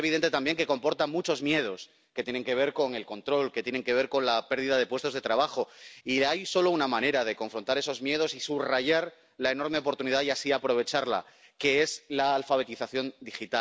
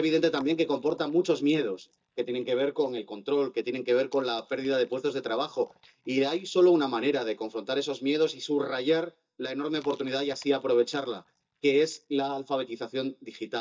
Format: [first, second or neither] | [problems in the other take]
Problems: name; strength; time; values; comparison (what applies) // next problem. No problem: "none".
first | noise reduction (neural mask model DeepFilterNet 3)